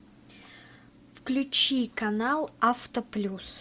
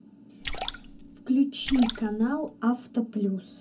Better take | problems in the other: first | background sound (Splash, splatter); 9 dB below the speech // room echo; dies away in 0.4 s

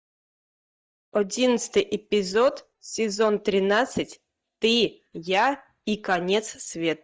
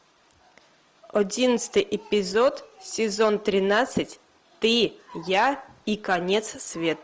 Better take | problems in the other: second | noise reduction (neural mask model DeepFilterNet 3)

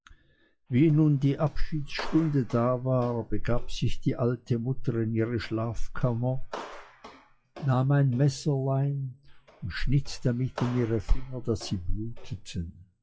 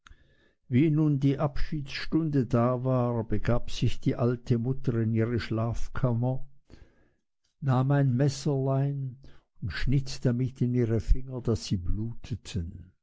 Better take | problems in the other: second | noise reduction (classical method WPE with log-MMSE)

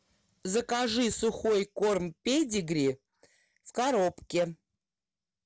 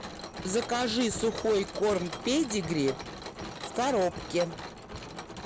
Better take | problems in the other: first | background sound (Mechanisms); 10 dB below the speech

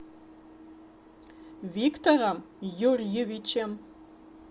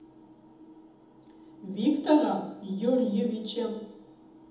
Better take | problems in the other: first | room echo; dies away in 1 s

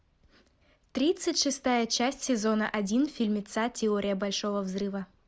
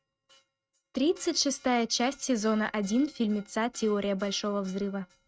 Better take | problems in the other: first | noise reduction (neural mask model RNNoise)

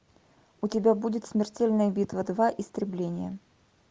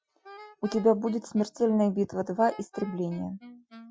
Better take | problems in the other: first | noise reduction (classical method Wiener filter)

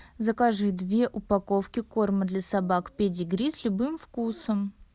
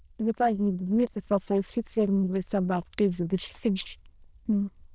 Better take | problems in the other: first | noise reduction (neural diffusion model UNIVERSE++)

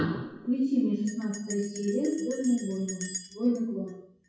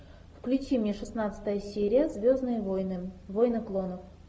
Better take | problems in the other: second | noise reduction (classical method WPE with log-MMSE)

